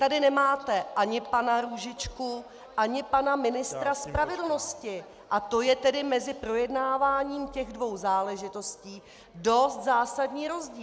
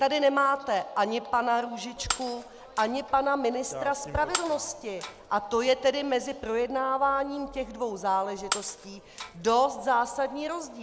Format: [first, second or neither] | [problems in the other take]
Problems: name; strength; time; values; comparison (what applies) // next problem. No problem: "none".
first | background sound (Shatter); 12 dB below the speech